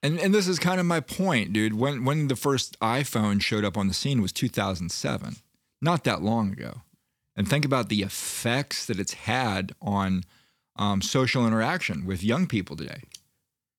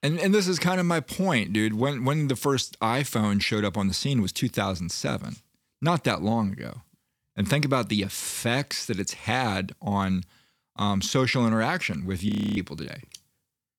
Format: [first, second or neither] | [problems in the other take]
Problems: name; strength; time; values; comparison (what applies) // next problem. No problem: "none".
first | audio freezing; at 12 s